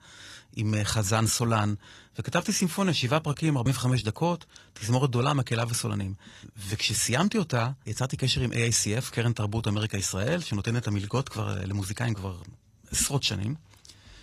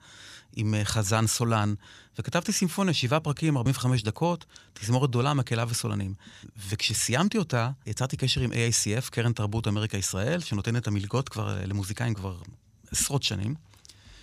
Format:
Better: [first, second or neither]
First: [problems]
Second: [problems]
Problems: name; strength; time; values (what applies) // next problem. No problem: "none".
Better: second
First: garbled, watery; slightly; nothing above 12 kHz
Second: none